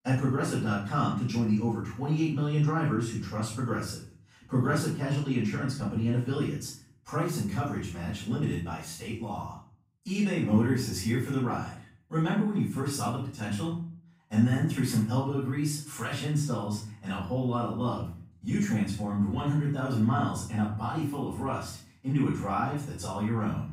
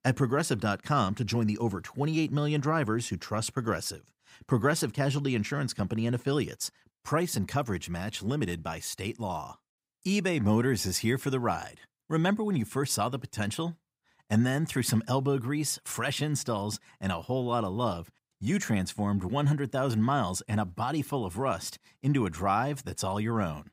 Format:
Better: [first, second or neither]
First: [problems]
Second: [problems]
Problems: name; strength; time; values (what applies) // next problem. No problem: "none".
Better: second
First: room echo; noticeable; dies away in 0.5 s // off-mic speech; far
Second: none